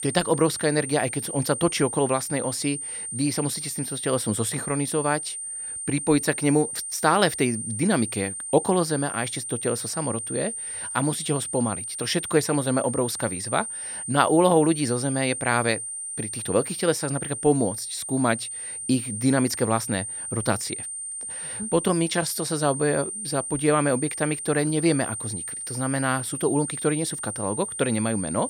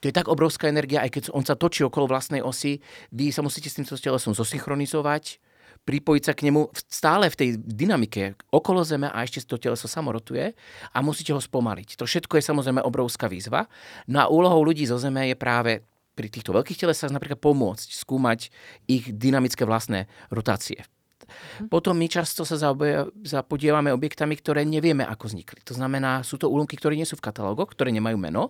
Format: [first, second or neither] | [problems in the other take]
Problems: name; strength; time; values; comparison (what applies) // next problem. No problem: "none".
second | high-pitched whine; loud; throughout; 9 kHz, 5 dB below the speech